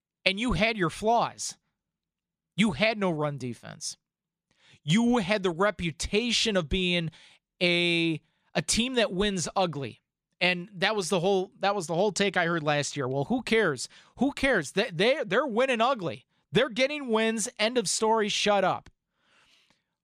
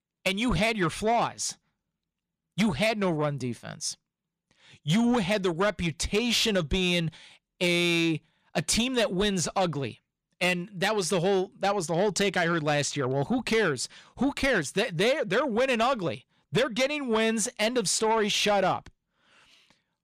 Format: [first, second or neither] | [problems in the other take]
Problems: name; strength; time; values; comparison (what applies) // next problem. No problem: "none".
first | distortion; slight; 10 dB below the speech